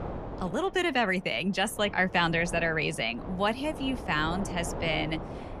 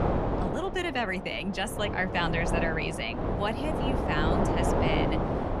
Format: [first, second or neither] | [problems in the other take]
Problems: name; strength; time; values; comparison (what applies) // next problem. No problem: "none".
first | wind noise on the microphone; heavy; 1 dB below the speech; occasional gusts in the first